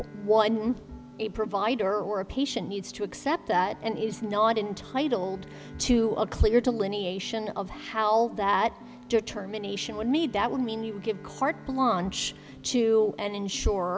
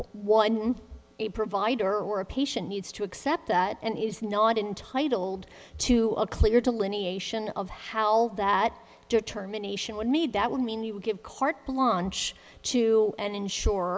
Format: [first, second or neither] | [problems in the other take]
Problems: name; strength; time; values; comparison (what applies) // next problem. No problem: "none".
second | background sound (Bowed string instrument + Guitar); 19 dB below the speech